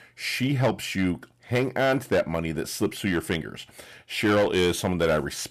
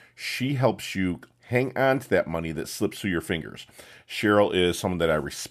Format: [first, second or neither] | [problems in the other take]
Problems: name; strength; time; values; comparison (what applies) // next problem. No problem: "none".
second | distortion; slight; 5% of the sound clipped